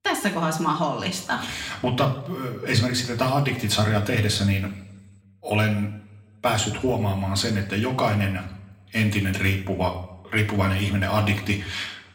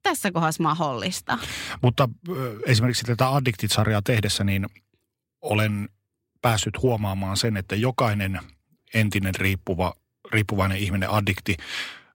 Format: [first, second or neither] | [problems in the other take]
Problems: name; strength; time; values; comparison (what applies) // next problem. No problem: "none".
second | room echo; slight; dies away in 0.6 s // off-mic speech; somewhat distant